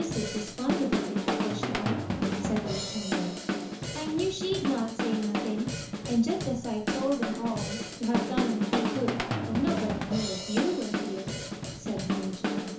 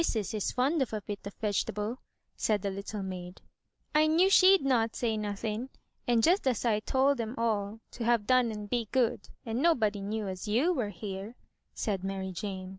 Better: second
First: background sound (Drum / Drum kit); as loud as the speech // room echo; dies away in 0.9 s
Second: none

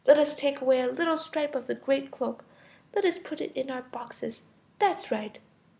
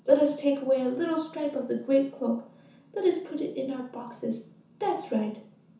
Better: first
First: none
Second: room echo; dies away in 0.9 s

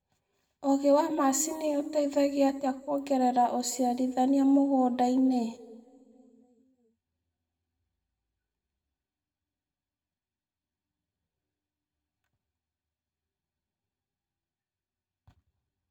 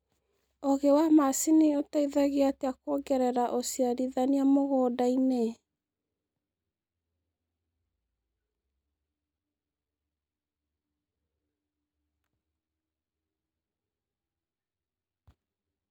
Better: second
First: room echo; dies away in 1.4 s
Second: none

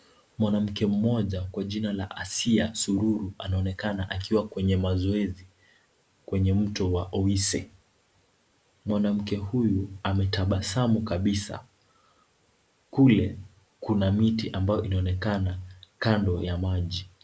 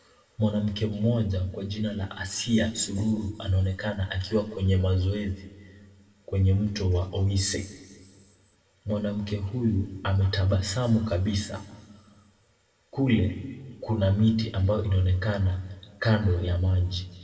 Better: first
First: none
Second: room echo; dies away in 1.2 s

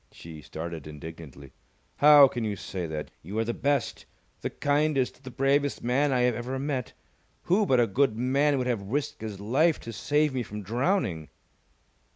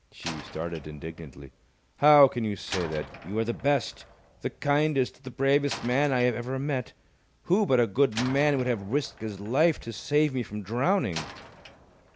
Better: first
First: none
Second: background sound (Slam); 17 dB below the speech

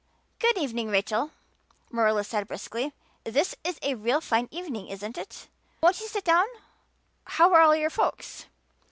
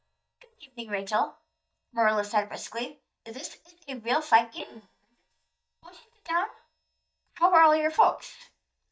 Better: first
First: none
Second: noise reduction (neural mask model DeepFilterNet 3)

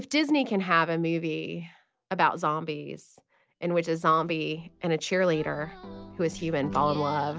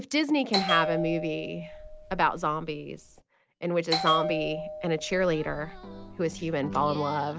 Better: first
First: none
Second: background sound (Bell); 6 dB below the speech

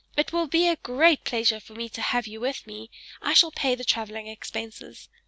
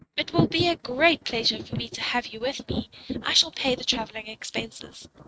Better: first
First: none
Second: noise reduction (neural mask model RNNoise)

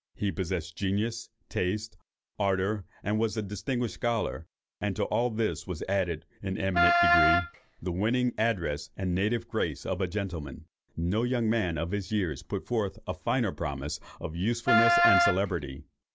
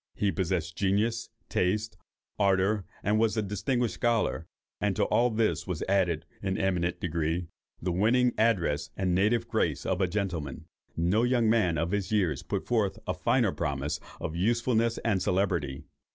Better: second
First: background sound (Wind instrument, woodwind instrument); 4 dB above the speech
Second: none

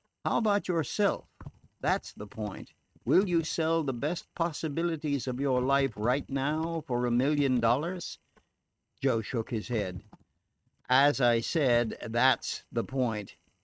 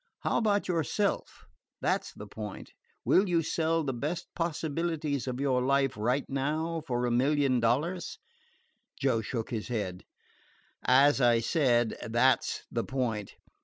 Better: second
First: noise reduction (neural mask model RNNoise)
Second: none

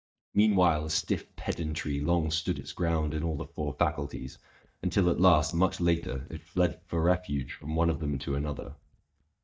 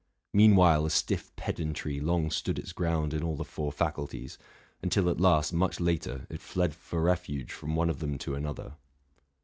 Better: second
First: noise reduction (neural mask model DeepFilterNet 3)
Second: none

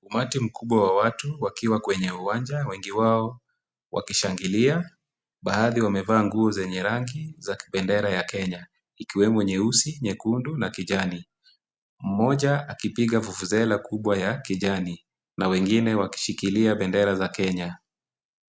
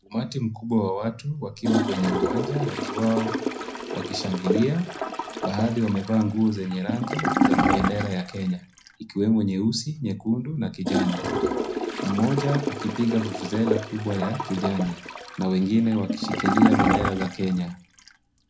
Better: first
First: none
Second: background sound (Toilet flush / Gurgling); 2 dB below the speech // room echo; dies away in 0.4 s

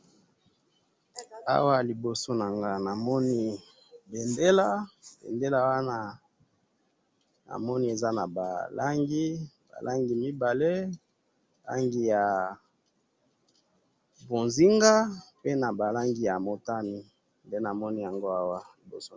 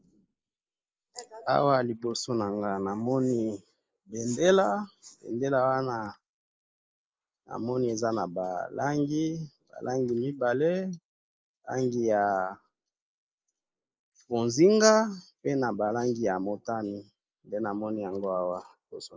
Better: first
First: none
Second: noise reduction (neural mask model Resemble Enhance denoiser)

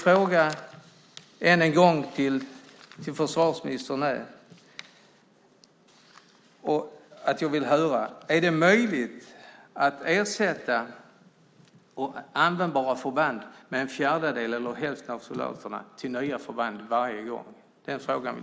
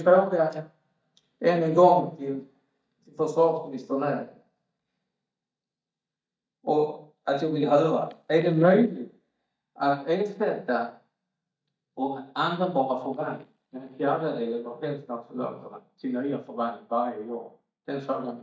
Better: first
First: none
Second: noise reduction (neural mask model DeepFilterNet 3)

